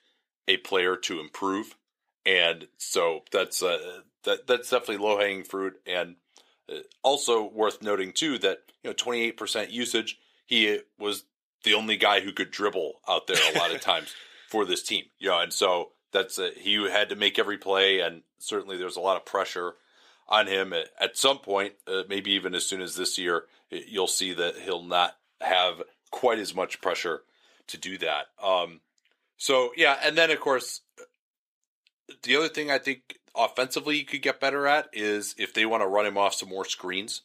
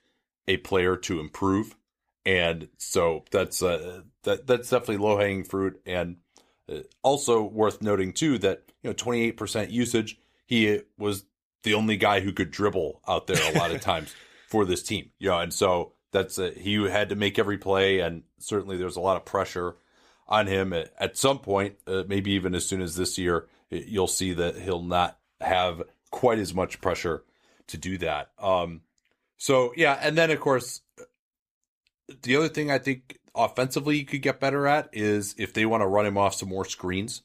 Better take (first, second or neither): second